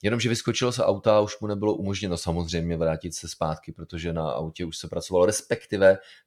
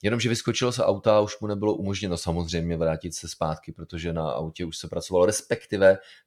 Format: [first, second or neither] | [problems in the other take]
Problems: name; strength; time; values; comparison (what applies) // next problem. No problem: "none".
neither | none